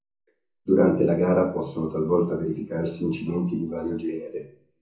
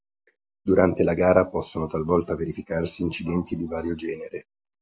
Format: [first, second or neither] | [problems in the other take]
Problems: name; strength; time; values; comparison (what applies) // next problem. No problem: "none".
second | room echo; dies away in 0.7 s